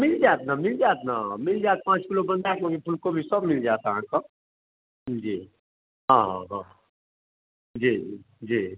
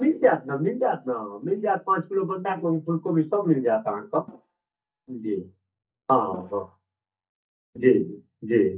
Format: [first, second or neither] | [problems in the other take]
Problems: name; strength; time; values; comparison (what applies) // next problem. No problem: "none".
first | noise reduction (neural mask model DeepFilterNet 3)